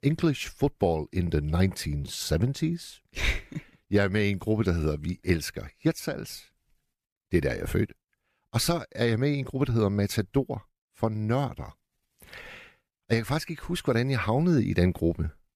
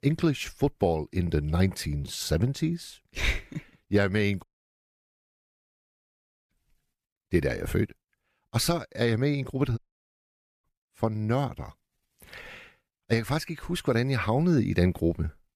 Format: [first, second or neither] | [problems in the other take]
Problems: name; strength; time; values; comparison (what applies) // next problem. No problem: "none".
first | audio cutting out; at 4.5 s for 2 s and at 10 s for 1 s